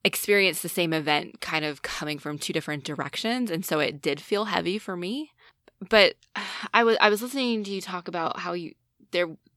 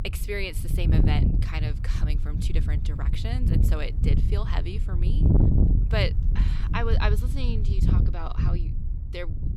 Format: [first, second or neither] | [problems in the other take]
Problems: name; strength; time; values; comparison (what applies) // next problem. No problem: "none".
first | wind noise on the microphone; heavy; 3 dB below the speech